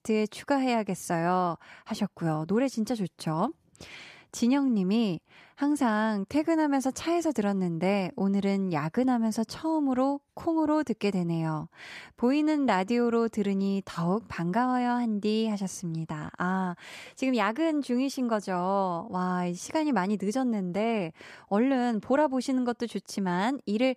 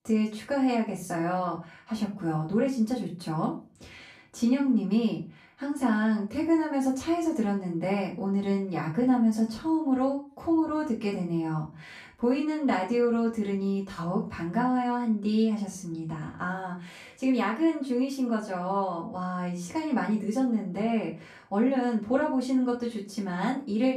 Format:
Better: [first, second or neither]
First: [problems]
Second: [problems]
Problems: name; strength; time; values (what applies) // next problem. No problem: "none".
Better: first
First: none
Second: off-mic speech; far // room echo; slight; dies away in 0.3 s